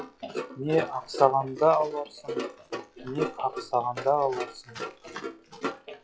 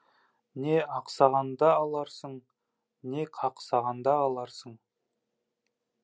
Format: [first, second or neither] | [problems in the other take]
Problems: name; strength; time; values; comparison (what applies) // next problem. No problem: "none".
second | noise reduction (classical method log-MMSE)